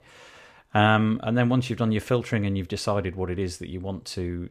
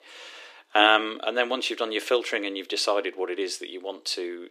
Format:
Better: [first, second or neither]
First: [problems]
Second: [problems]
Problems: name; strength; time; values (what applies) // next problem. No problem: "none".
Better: first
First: none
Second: thin; very; fading below 300 Hz